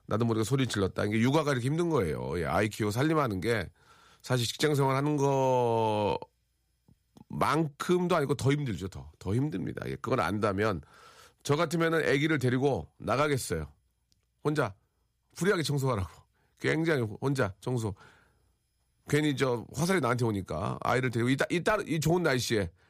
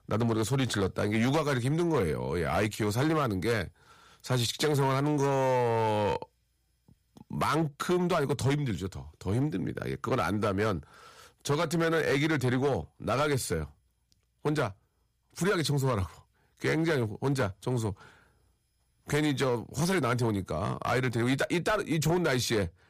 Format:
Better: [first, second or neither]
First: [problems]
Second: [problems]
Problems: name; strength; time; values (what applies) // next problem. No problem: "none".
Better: first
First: none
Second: distortion; slight; 9% of the sound clipped